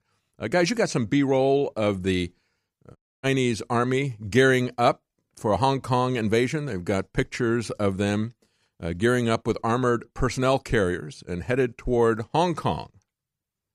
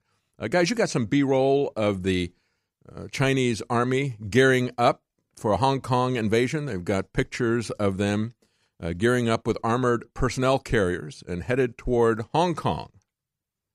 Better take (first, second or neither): second